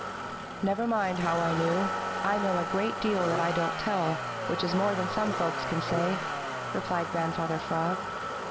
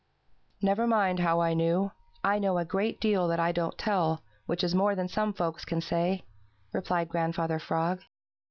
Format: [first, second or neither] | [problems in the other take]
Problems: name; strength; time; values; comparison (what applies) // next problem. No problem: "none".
second | background sound (Motor vehicle (road)); 2 dB below the speech